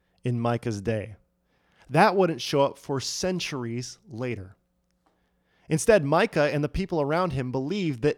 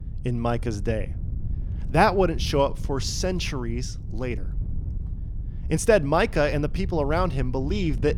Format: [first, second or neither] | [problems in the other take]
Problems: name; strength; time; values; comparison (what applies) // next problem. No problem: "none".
first | wind noise on the microphone; occasional gusts; 25 dB below the speech